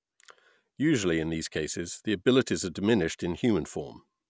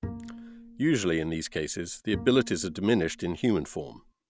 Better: first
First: none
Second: background sound (Bowed string instrument); 15 dB below the speech

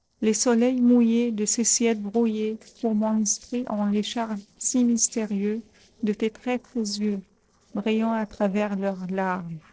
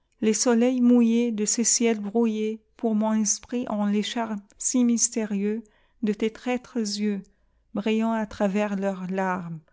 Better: second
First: noise reduction (neural separator model SepFormer DNS4)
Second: none

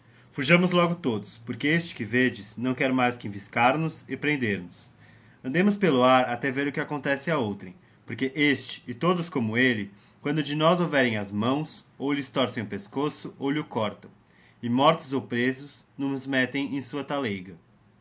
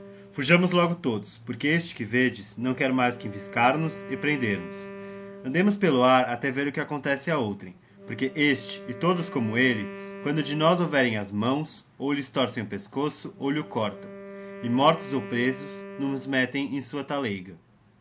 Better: first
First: none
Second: background sound (Wind instrument, woodwind instrument); 17 dB below the speech

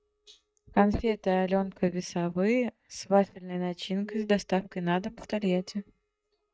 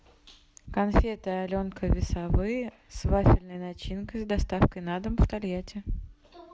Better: second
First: noise reduction (neural mask model DeepFilterNet 3)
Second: none

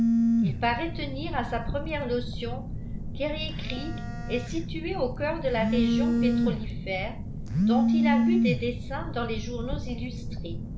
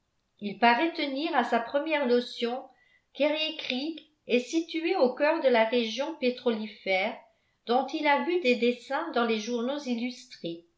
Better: second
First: background sound (Telephone); 5 dB above the speech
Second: none

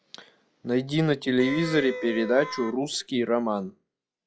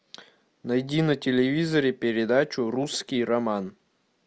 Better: second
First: noise reduction (classical method log-MMSE)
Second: none

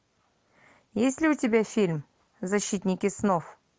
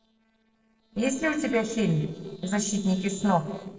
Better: first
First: none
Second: noise reduction (neural separator model SepFormer DNS4)

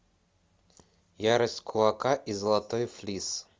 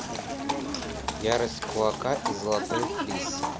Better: first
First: none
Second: background sound (Livestock, farm animals, working animals); 1 dB below the speech

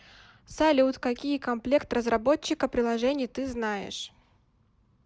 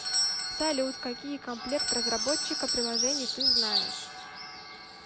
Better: first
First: none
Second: background sound (Bird + Doorbell); 4 dB above the speech

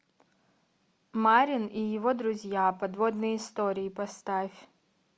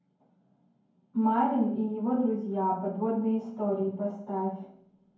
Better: first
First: none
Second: room echo; dies away in 0.9 s

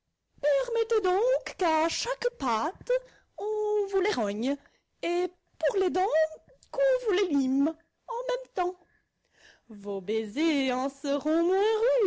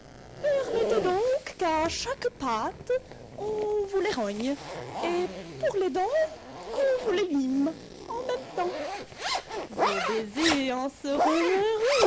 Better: first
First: none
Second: background sound (Zipper (clothing)); 5 dB below the speech

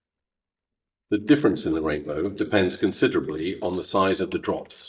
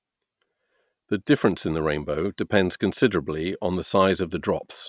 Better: second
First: noise reduction (neural mask model DeepFilterNet 3)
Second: none

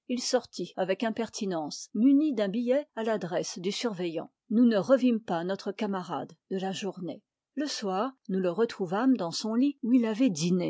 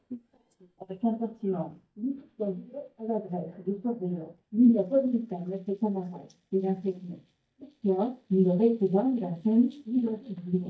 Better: first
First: none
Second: noise reduction (neural mask model DeepFilterNet 3)

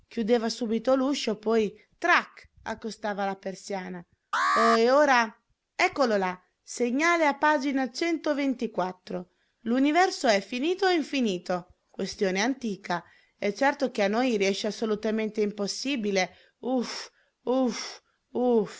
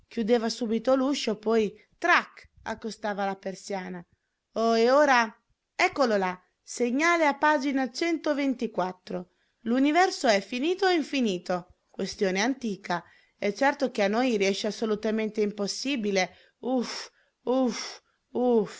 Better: second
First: background sound (Alarm); 3 dB below the speech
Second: none

